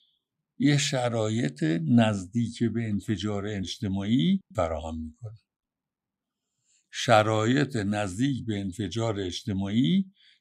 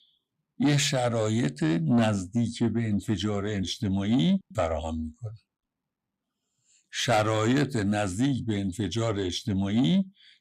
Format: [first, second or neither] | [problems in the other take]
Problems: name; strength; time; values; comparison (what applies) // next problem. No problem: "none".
first | distortion; slight; 10 dB below the speech